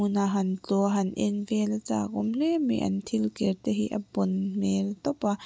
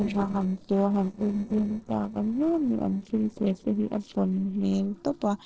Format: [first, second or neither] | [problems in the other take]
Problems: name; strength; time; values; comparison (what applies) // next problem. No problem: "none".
first | noise reduction (neural separator model SepFormer DNS4)